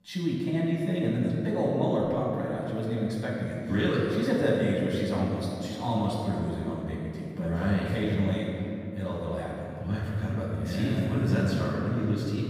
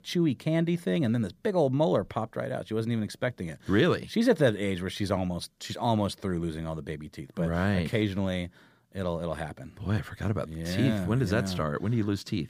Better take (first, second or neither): second